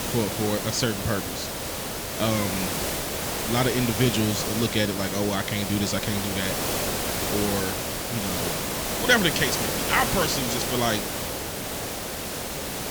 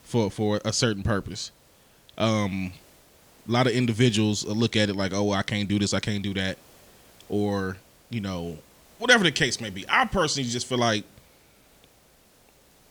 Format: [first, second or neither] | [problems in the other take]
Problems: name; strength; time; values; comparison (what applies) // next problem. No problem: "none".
second | hiss; loud; throughout; 1 dB below the speech; faint in the second